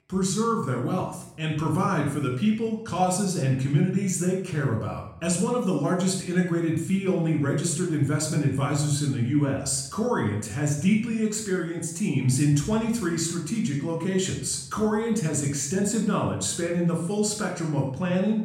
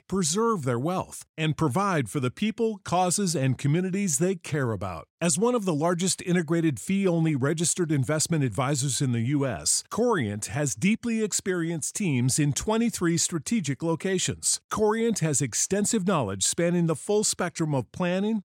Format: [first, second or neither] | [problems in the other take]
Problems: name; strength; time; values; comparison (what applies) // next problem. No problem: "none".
second | off-mic speech; somewhat distant // room echo; noticeable; dies away in 0.6 s